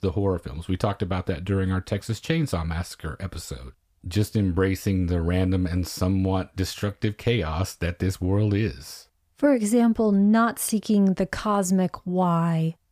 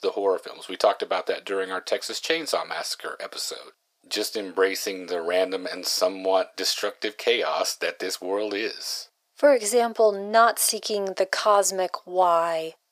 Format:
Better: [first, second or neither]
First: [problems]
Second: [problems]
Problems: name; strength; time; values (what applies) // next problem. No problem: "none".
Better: first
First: none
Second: thin; very; fading below 400 Hz